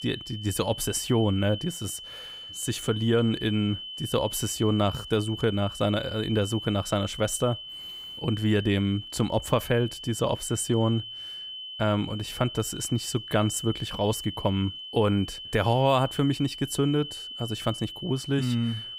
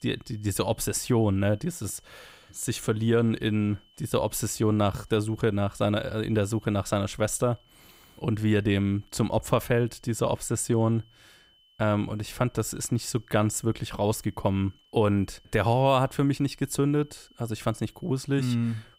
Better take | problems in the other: second | high-pitched whine; loud; throughout; 3 kHz, 10 dB below the speech; faint in the second

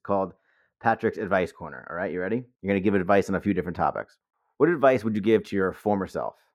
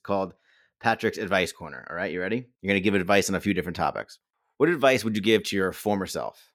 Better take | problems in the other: second | muffled; very; fading above 2 kHz

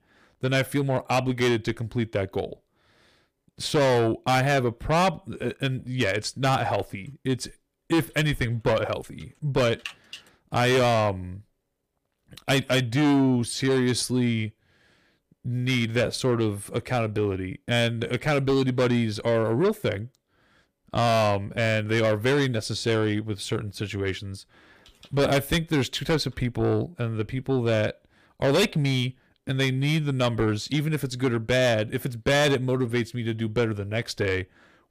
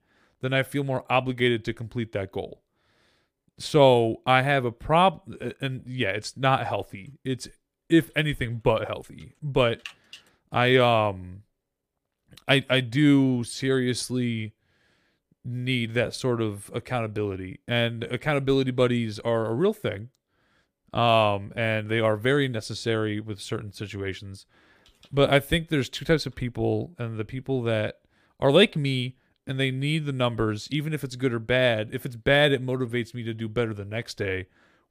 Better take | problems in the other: second | distortion; heavy; 8 dB below the speech

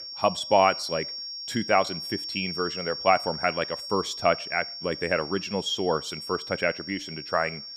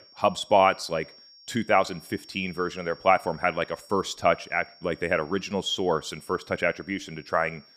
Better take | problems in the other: second | high-pitched whine; loud; throughout; 5.5 kHz, 7 dB below the speech; faint in the second

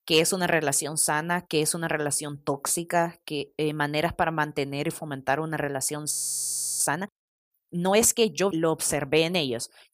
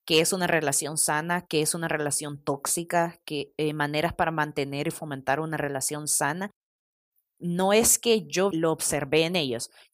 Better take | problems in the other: second | audio freezing; at 6 s for 0.5 s

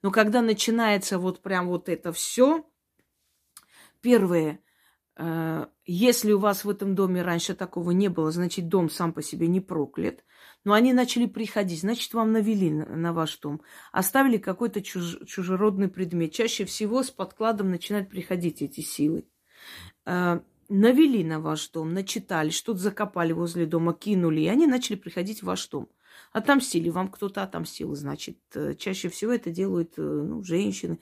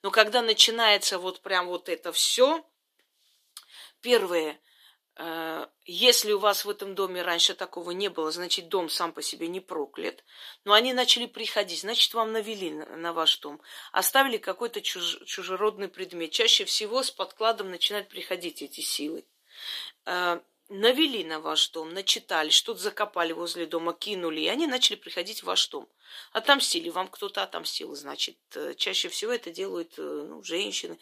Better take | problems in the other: first | thin; very; fading below 450 Hz

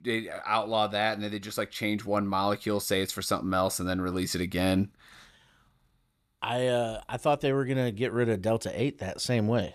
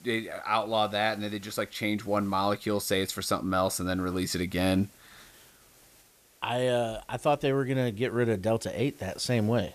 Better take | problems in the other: first | hiss; faint; throughout; 25 dB below the speech

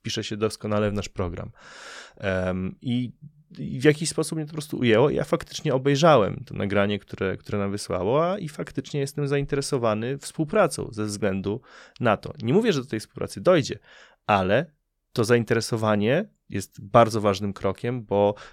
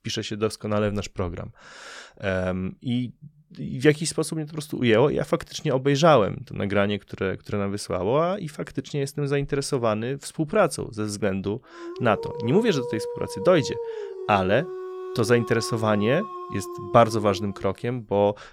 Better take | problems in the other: first | dog barking; noticeable; from 12 to 18 s; peak 7 dB below the speech

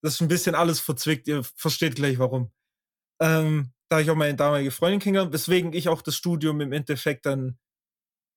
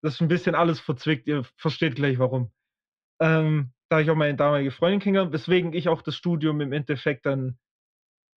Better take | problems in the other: first | muffled; slightly; fading above 3.5 kHz

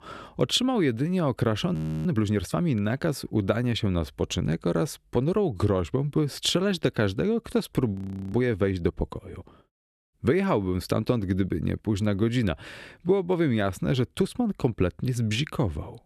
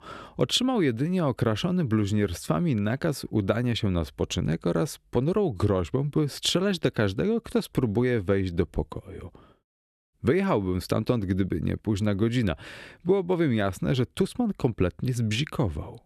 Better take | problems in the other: second | audio freezing; at 1.5 s and at 8 s

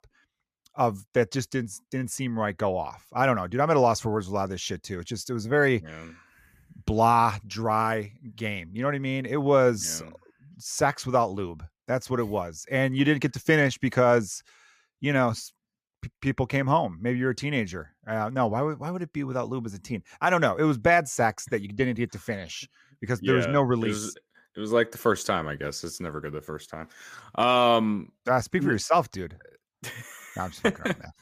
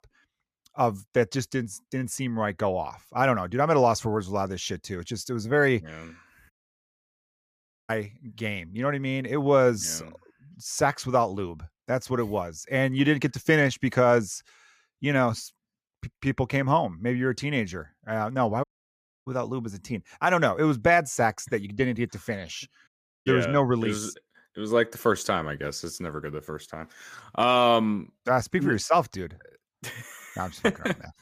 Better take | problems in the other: first | audio cutting out; at 6.5 s for 1.5 s, at 19 s for 0.5 s and at 23 s

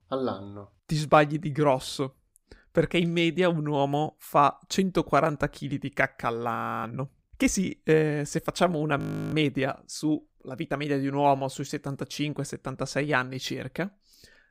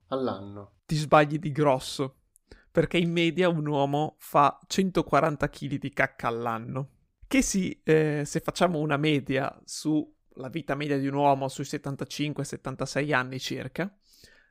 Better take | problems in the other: second | audio freezing; at 6.5 s and at 9 s

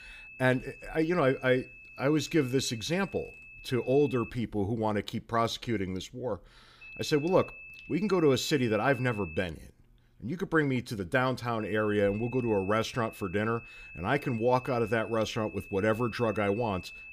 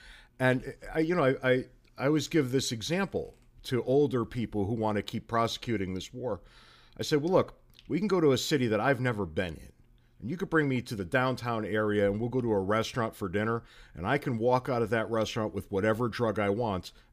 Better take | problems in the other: second | high-pitched whine; noticeable; until 4.5 s, from 7 to 9.5 s and from 12 s on; 2.5 kHz, 15 dB below the speech

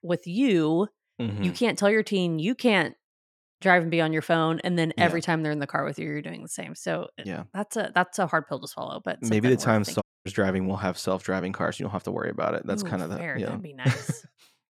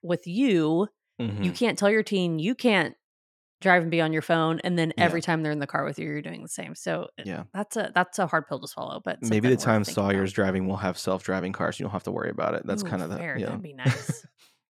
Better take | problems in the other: second | audio cutting out; at 10 s

